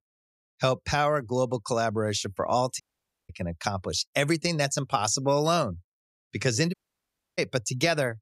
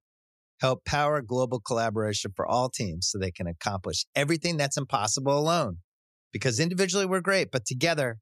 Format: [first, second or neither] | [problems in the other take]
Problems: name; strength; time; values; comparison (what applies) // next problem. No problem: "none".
second | audio cutting out; at 3 s and at 6.5 s for 0.5 s